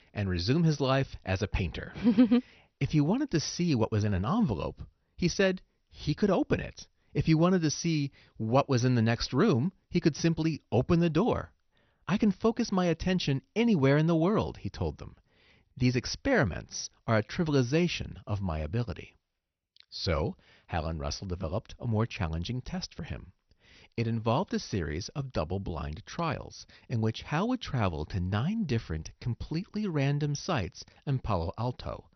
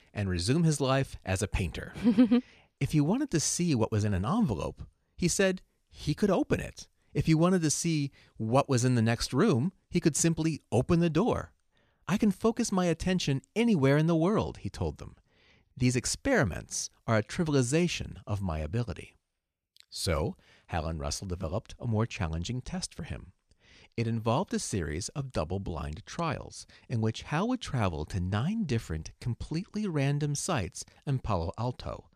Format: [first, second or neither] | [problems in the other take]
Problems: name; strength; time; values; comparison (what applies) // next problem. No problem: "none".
second | garbled, watery; slightly; nothing above 6 kHz